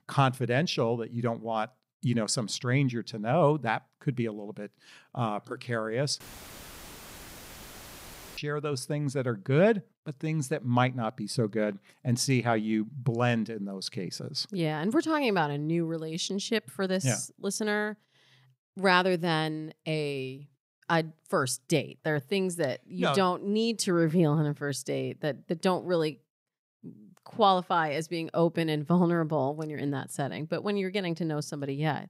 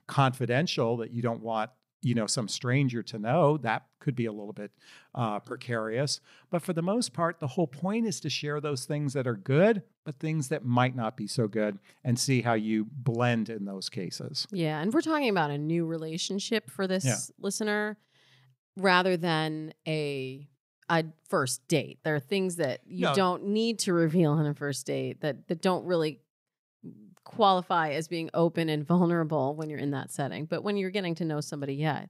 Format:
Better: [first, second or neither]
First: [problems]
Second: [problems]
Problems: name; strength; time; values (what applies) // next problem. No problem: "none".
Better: second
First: audio cutting out; filled with static; at 6 s for 2 s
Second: none